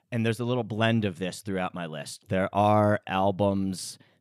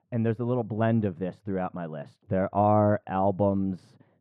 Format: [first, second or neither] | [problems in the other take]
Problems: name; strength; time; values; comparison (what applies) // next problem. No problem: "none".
first | muffled; very; fading above 3 kHz